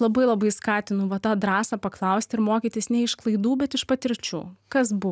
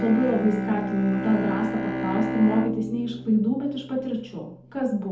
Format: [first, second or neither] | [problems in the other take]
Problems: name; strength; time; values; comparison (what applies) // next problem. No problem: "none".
first | background sound (Bowed string instrument); 6 dB below the speech // room echo; dies away in 0.6 s